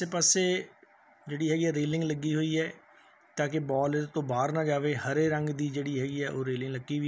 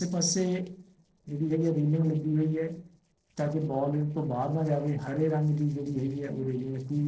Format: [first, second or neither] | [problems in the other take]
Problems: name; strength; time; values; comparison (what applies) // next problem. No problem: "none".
first | noise reduction (neural separator model SepFormer DNS4)